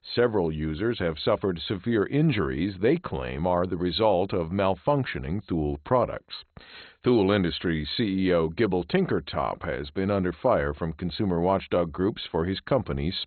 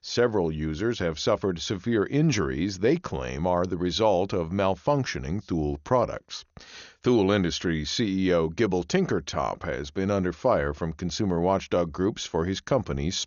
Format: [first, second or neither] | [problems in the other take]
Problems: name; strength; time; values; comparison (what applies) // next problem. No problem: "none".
second | garbled, watery; badly; nothing above 4 kHz; slightly in the second